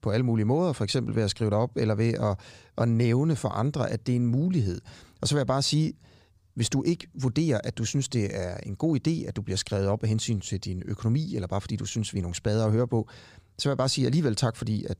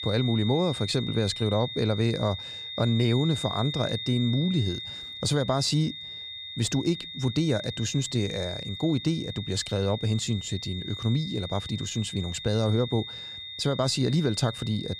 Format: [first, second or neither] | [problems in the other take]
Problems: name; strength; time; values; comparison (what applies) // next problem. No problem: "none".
first | high-pitched whine; loud; throughout; 3.5 kHz, 8 dB below the speech